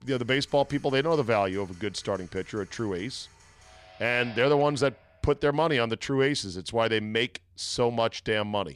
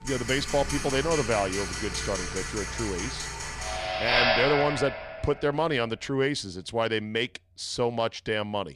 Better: first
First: household noises; faint; until 4.5 s; 25 dB below the speech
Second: household noises; loud; until 4.5 s; 1 dB below the speech

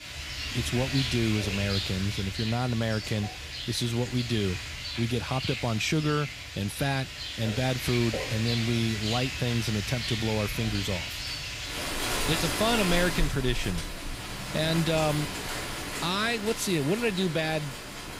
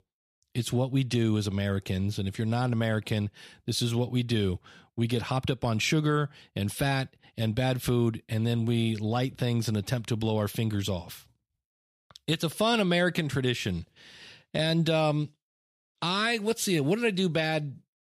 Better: second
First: rain or running water; loud; throughout; 4 dB below the speech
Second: none

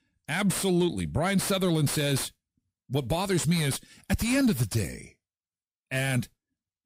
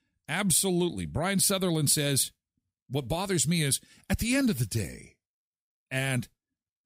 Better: second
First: distortion; heavy; 7 dB below the speech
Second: none

